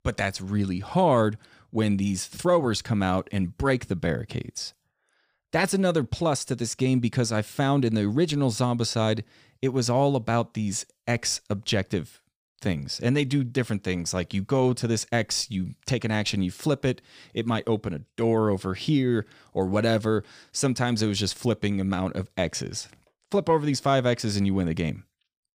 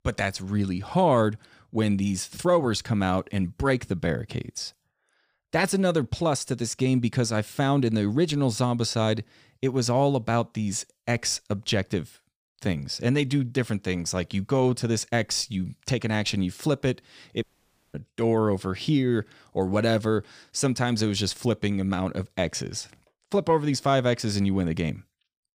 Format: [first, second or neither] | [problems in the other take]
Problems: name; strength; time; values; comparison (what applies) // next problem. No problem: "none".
first | audio cutting out; at 17 s for 0.5 s